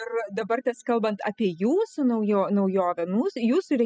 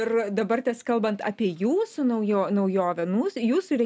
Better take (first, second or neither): second